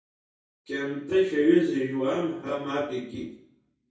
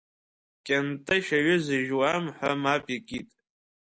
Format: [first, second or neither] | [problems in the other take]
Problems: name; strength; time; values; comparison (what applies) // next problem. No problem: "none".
second | room echo; dies away in 0.6 s